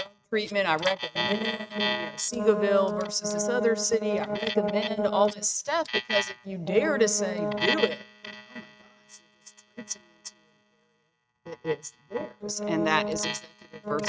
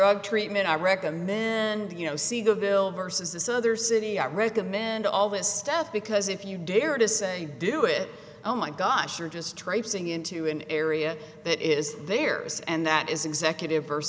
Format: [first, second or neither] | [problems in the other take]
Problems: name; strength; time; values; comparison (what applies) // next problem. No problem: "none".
second | noise reduction (neural mask model RNNoise)